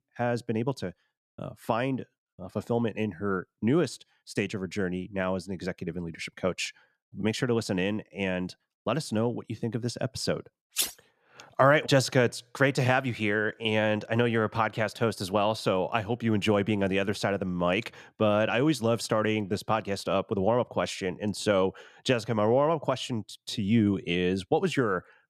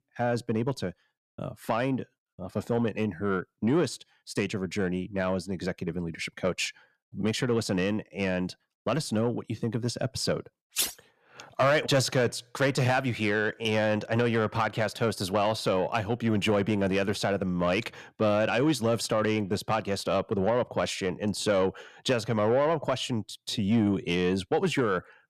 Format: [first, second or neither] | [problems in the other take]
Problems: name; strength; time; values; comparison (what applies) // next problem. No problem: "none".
first | distortion; slight; 10 dB below the speech